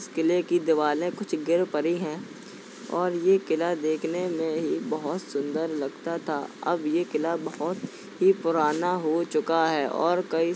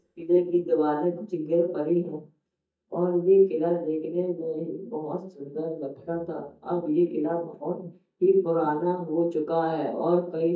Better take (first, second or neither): first